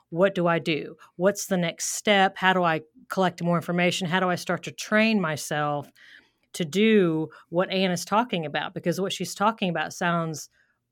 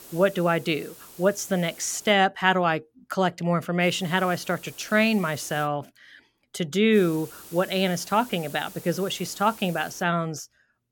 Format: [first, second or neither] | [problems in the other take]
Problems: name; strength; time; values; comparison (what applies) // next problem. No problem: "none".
first | hiss; noticeable; until 2 s, from 4 to 5.5 s and from 7 to 10 s; 20 dB below the speech